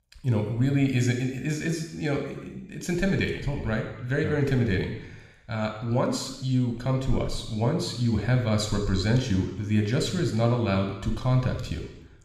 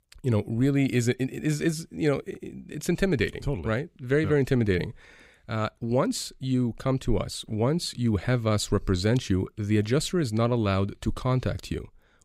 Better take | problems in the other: second | room echo; noticeable; dies away in 0.9 s

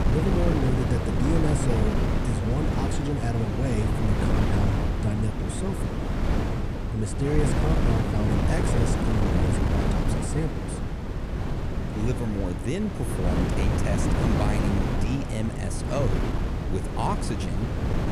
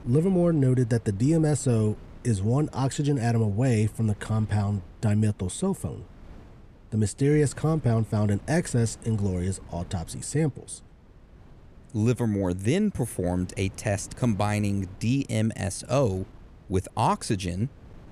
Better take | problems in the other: second | wind noise on the microphone; heavy; 2 dB above the speech; occasional gusts in the second

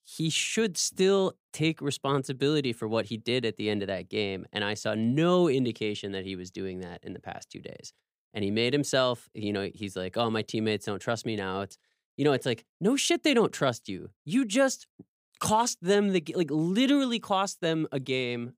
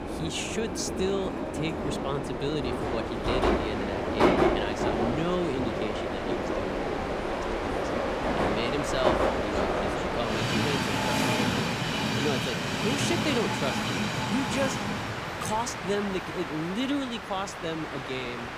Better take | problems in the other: first | train or aircraft noise; very loud; throughout; 4 dB above the speech

